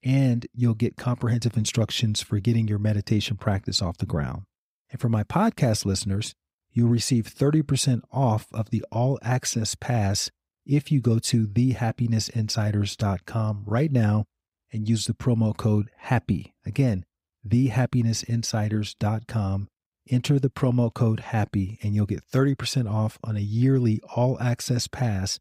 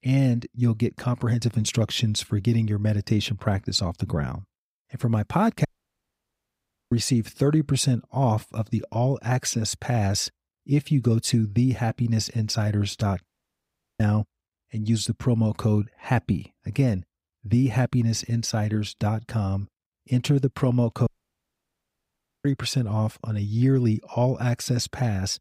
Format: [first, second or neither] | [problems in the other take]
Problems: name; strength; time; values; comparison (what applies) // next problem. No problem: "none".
first | audio cutting out; at 5.5 s for 1.5 s, at 13 s for 1 s and at 21 s for 1.5 s